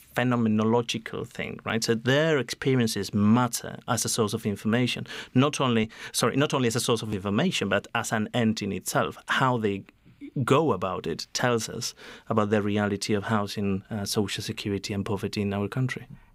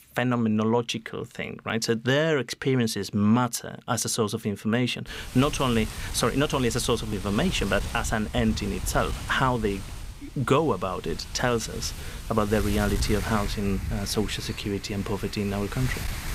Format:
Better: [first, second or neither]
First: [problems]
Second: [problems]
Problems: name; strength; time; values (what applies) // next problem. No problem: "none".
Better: first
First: none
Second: wind noise on the microphone; occasional gusts; from 5 s on; 15 dB below the speech